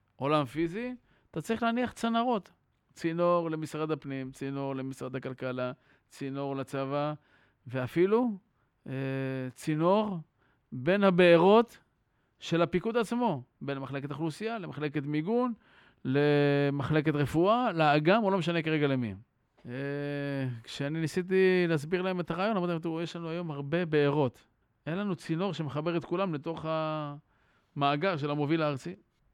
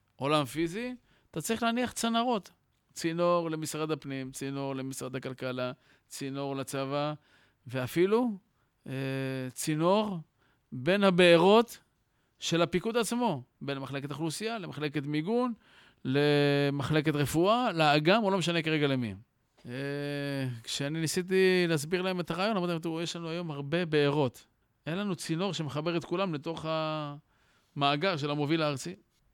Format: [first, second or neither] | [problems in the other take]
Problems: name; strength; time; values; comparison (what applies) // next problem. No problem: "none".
second | muffled; slightly; fading above 3.5 kHz